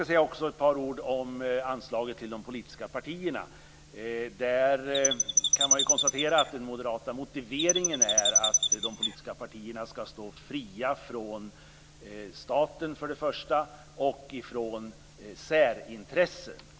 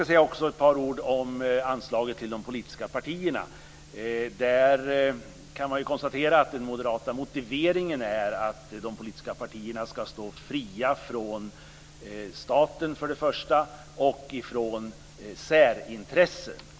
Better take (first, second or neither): second